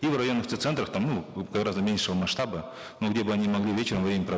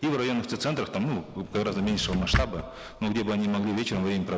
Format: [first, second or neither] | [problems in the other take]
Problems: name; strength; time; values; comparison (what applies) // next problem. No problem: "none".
first | background sound (Drawer open or close); 5 dB below the speech